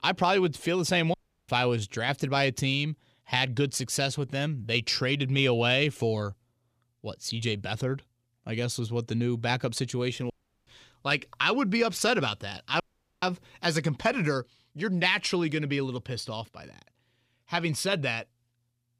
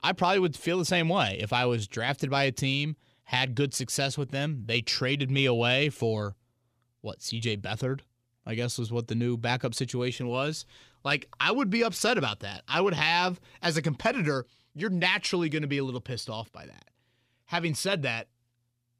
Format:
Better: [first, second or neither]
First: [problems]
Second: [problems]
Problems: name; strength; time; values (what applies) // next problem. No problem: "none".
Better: second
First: audio cutting out; at 1 s, at 10 s and at 13 s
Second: none